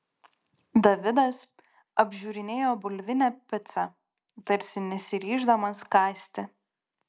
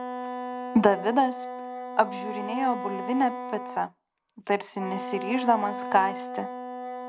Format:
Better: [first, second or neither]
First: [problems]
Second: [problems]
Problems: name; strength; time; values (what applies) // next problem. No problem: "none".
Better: first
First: none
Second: background sound (Wind instrument, woodwind instrument); 7 dB below the speech